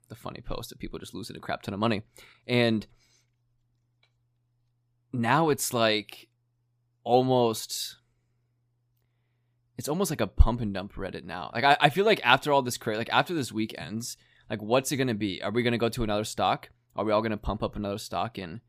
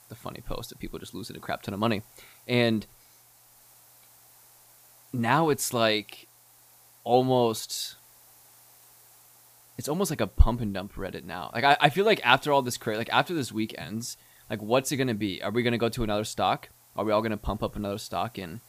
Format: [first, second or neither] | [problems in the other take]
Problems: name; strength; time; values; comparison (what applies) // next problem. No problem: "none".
first | hiss; faint; throughout; 25 dB below the speech